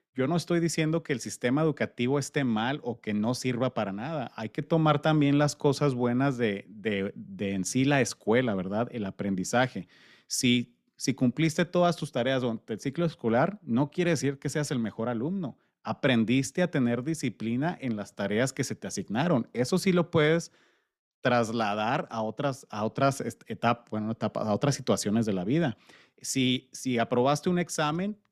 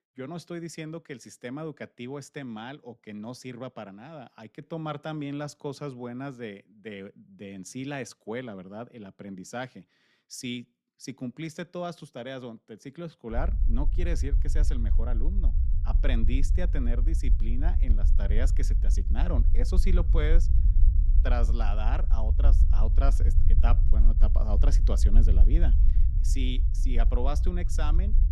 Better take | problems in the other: first | low rumble; loud; from 13 s on; 9 dB below the speech

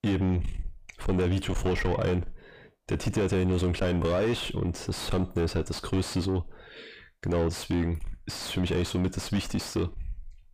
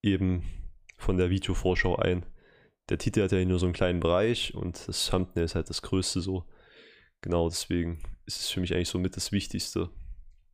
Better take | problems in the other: second | distortion; heavy; 6 dB below the speech

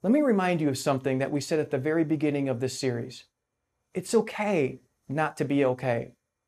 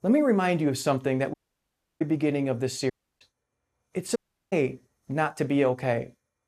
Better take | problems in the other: first | audio cutting out; at 1.5 s for 0.5 s, at 3 s and at 4 s

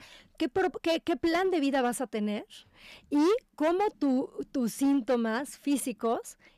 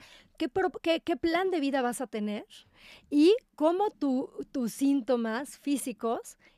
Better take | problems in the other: second | distortion; slight; 7% of the sound clipped

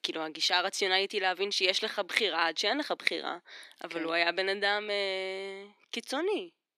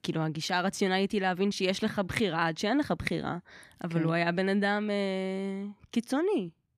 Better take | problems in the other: second | thin; very; fading below 350 Hz

